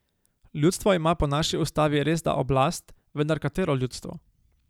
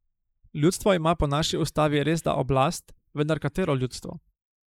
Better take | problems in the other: first | noise reduction (neural mask model Resemble Enhance denoiser)

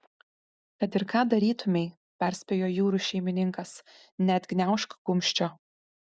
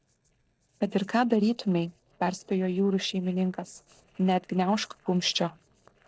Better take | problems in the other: first | noise reduction (neural separator model SepFormer DNS4)

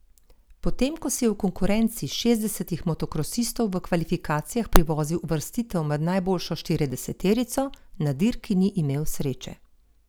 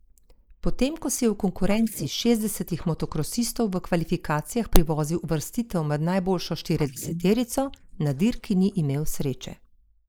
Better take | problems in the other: first | noise reduction (neural mask model Resemble Enhance denoiser)

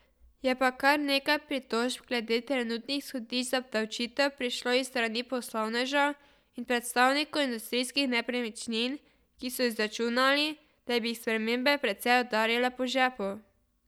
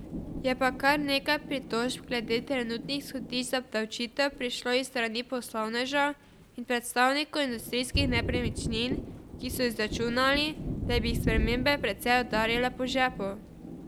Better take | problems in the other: first | background sound (Thunder); 7 dB below the speech

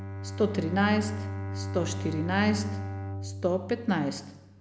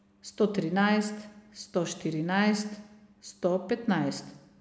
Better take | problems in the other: second | background sound (Bowed string instrument); 5 dB below the speech

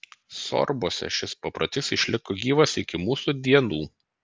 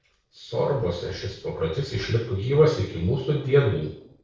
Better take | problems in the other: first | noise reduction (neural separator model SepFormer DNS4)

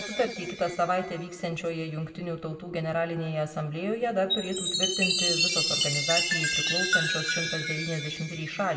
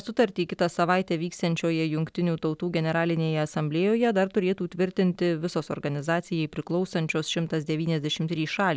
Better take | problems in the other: second | background sound (Chime); as loud as the speech // room echo; dies away in 1.4 s

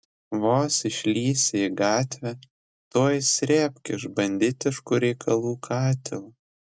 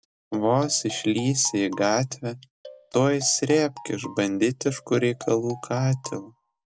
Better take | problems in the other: first | background sound (Marimba, xylophone); 20 dB below the speech

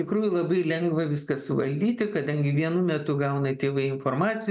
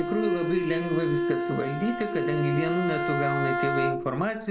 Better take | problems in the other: first | background sound (Bowed string instrument); as loud as the speech

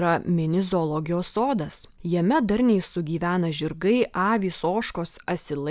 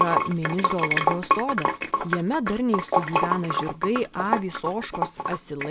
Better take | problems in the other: first | background sound (Sink (filling or washing) / Water); 1 dB above the speech

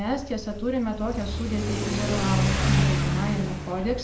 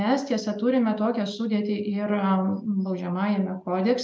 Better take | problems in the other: second | background sound (Accelerating, revving, vroom / Car); 2 dB above the speech

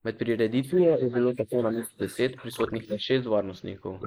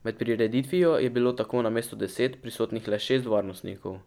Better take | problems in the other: second | noise reduction (neural mask model Resemble Enhance denoiser)

